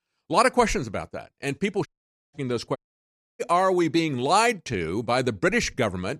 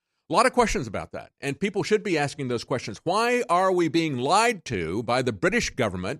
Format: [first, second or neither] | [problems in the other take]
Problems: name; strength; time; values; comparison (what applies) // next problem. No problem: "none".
second | audio cutting out; at 2 s and at 3 s for 0.5 s